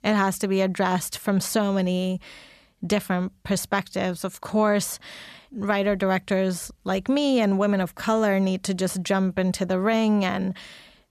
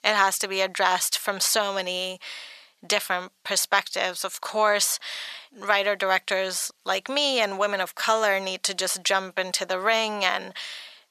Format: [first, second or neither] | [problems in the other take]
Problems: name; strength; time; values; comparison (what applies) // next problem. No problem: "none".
first | thin; very; fading below 700 Hz